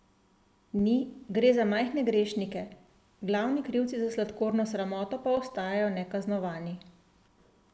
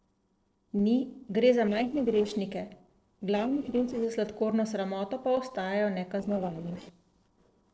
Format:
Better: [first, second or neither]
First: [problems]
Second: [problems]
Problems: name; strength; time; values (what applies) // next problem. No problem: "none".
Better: first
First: none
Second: noise reduction (neural separator model SepFormer DNS4)